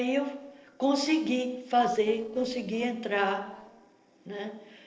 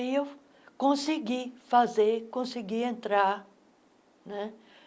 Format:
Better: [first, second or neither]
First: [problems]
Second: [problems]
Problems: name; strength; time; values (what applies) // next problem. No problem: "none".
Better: second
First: noise reduction (neural separator model SepFormer DNS4)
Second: none